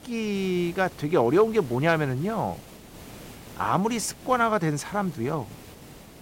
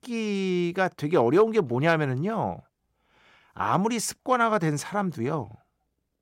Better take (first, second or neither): second